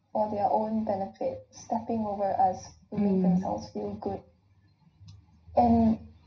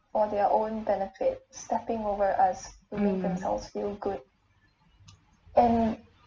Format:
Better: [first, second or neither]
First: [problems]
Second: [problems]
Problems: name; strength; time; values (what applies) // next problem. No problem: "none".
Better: second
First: room echo; dies away in 0.4 s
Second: none